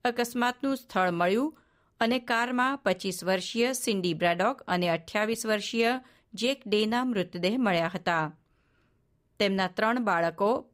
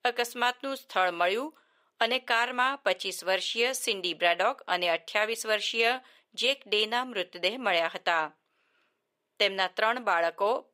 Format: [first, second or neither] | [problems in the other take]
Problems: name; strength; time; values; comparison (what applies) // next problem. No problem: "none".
first | thin; somewhat; fading below 550 Hz